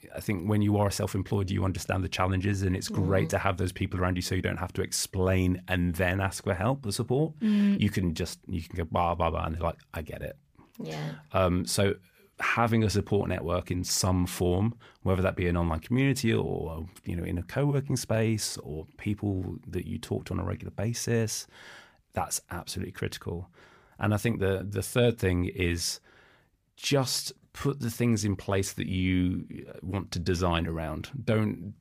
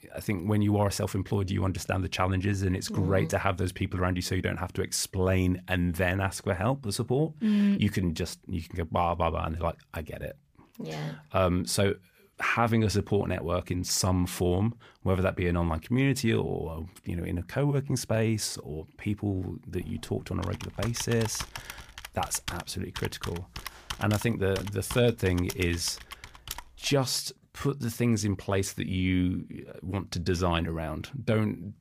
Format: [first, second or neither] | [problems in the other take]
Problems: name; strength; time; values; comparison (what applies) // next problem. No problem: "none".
first | keyboard typing; noticeable; from 20 to 27 s; peak 8 dB below the speech